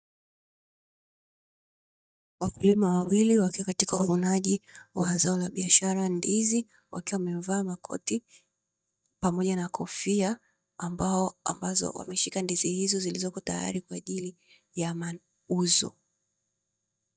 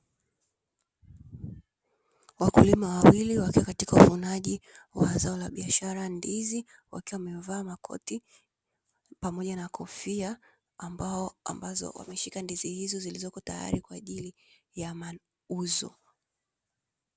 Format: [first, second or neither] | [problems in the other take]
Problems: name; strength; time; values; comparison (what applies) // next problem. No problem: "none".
second | noise reduction (neural mask model DeepFilterNet 3)